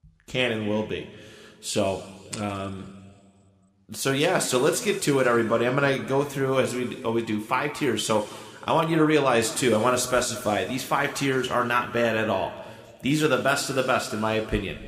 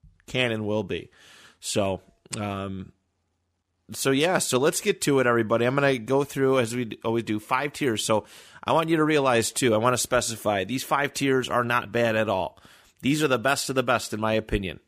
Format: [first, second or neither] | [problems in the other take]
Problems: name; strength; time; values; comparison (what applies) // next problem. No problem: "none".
second | room echo; slight; dies away in 1.8 s